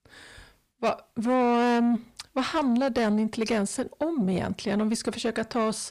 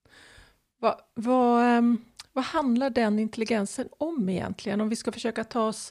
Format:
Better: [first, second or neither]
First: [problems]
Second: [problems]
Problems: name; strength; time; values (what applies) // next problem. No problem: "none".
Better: second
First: distortion; slight; 10 dB below the speech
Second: none